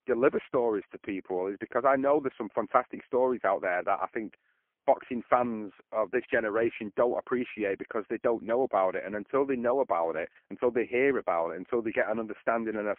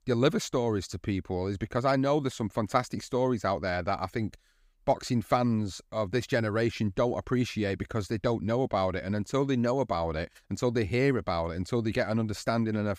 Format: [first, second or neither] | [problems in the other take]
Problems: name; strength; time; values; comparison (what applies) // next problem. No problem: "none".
second | phone-call audio; poor line